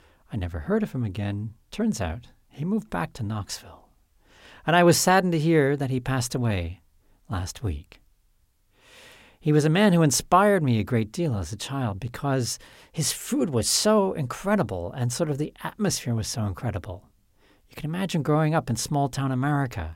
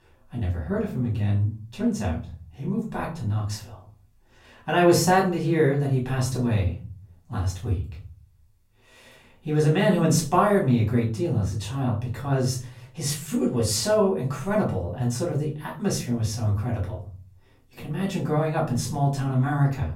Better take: first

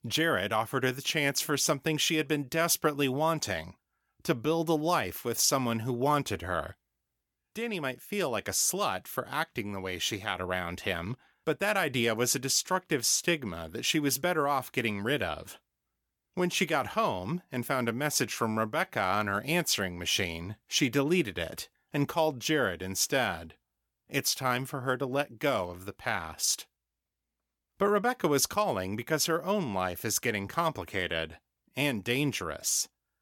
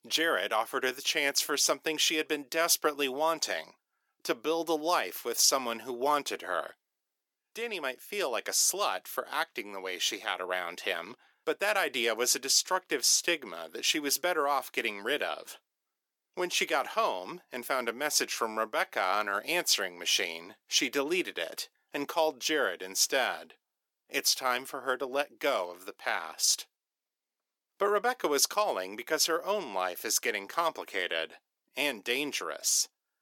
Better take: first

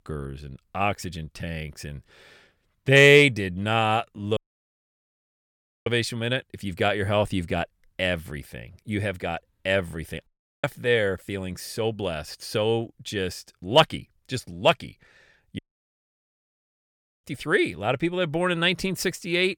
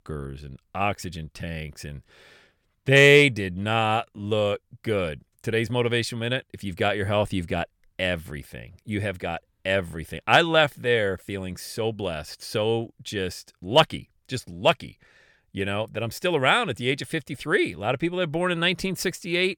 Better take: second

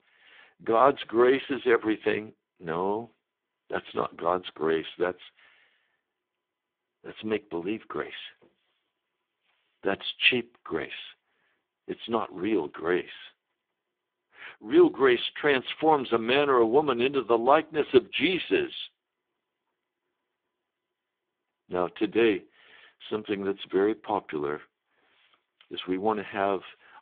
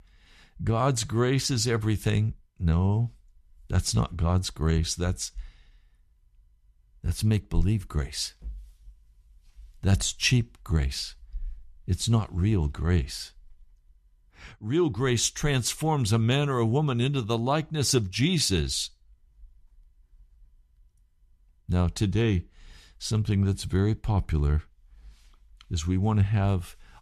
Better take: second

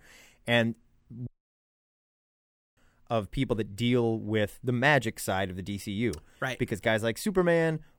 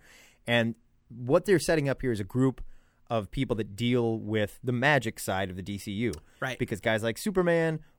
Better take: second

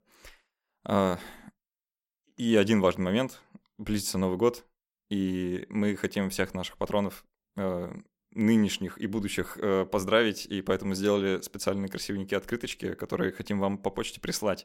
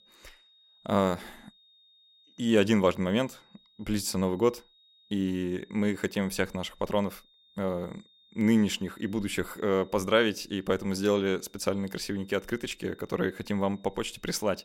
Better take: first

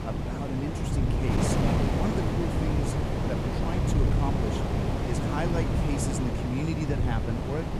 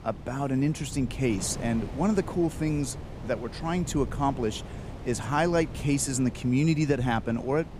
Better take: second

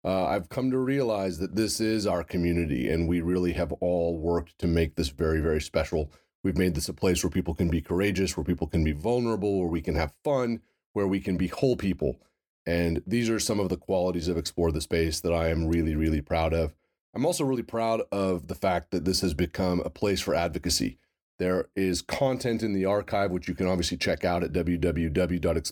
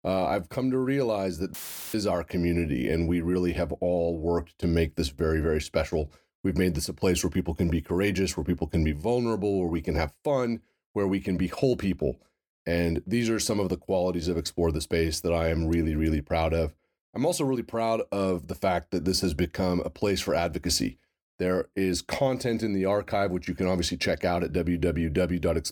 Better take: first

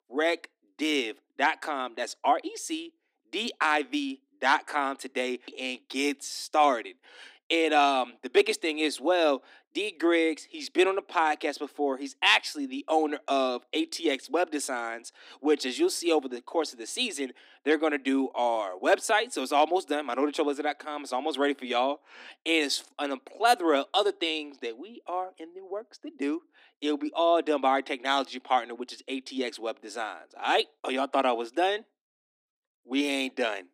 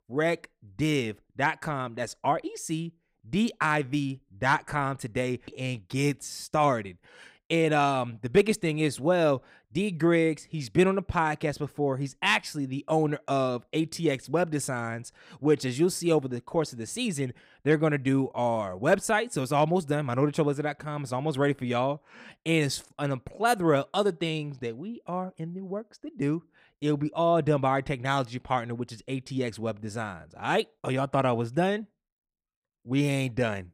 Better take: second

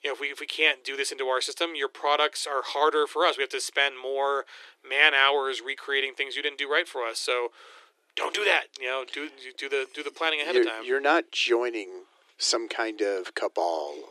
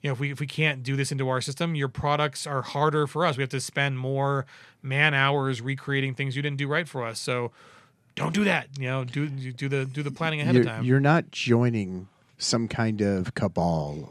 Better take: second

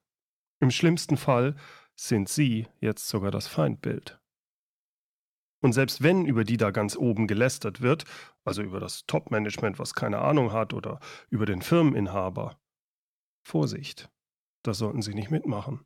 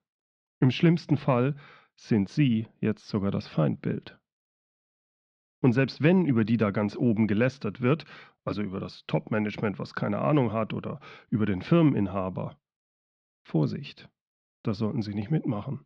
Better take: first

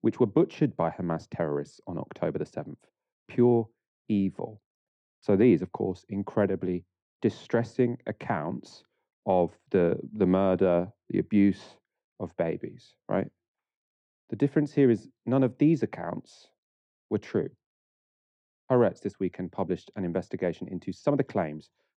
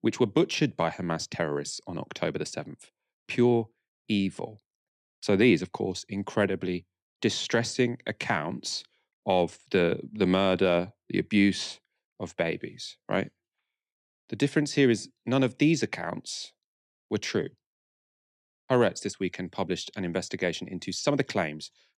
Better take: second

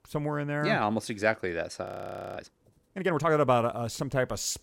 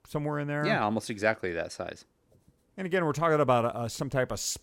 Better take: second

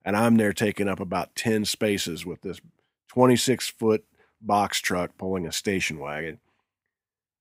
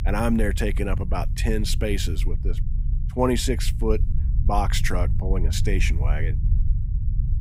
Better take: first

